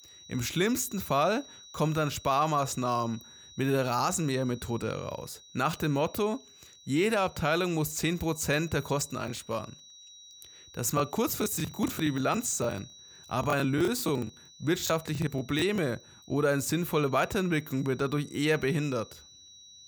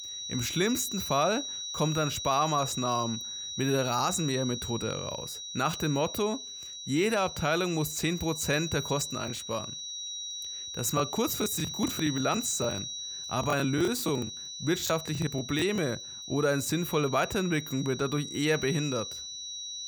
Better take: first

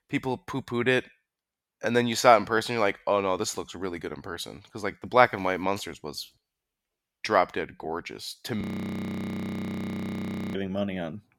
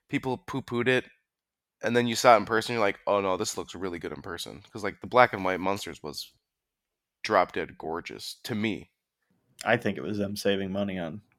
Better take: second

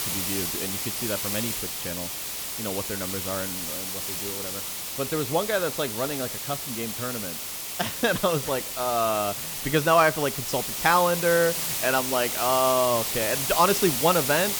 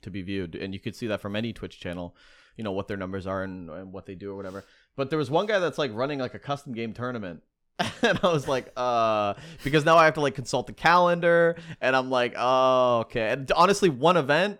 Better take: second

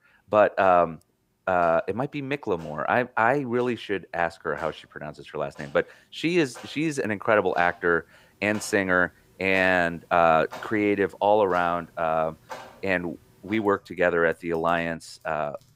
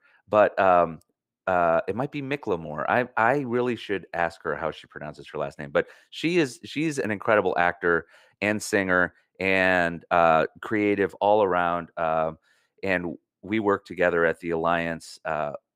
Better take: second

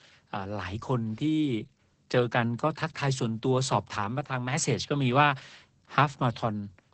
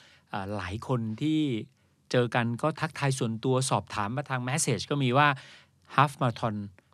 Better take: second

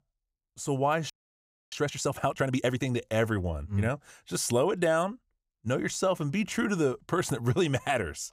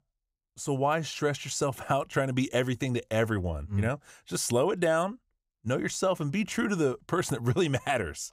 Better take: second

